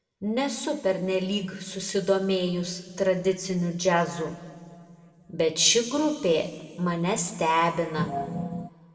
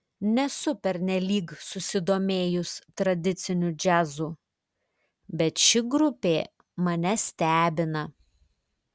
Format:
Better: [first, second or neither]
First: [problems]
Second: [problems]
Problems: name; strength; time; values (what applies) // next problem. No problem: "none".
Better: second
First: background sound (Organ); 4 dB below the speech // room echo; dies away in 1.5 s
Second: none